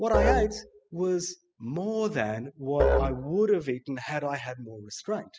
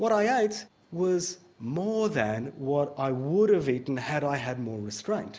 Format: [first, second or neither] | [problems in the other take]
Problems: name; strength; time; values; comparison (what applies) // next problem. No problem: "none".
second | noise reduction (classical method spectral subtraction)